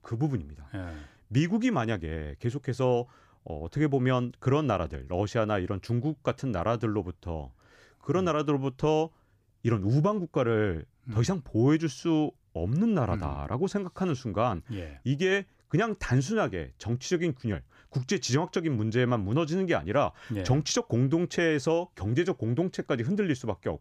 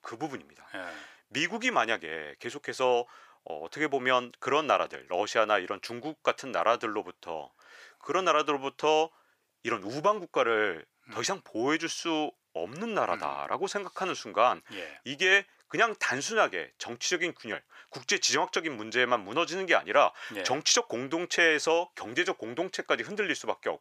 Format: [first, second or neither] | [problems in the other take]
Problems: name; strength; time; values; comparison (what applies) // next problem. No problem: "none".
first | thin; very; fading below 650 Hz